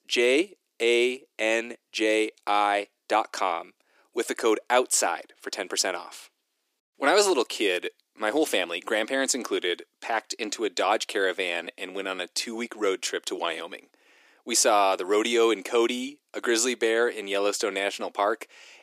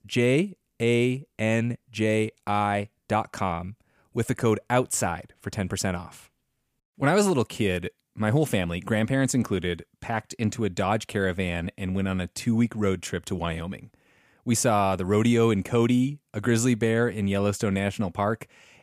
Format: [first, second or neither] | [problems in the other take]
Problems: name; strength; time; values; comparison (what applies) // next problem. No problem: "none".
second | thin; very; fading below 300 Hz